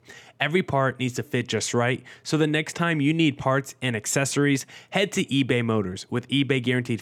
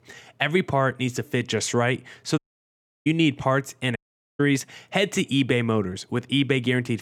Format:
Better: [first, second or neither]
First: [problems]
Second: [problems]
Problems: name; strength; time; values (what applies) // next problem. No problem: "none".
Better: first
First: none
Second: audio cutting out; at 2.5 s for 0.5 s and at 4 s